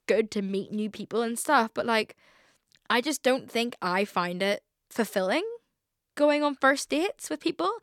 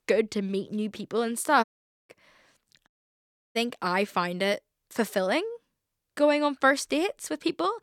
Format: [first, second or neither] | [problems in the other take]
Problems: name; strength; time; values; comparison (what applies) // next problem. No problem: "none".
first | audio cutting out; at 1.5 s and at 3 s for 0.5 s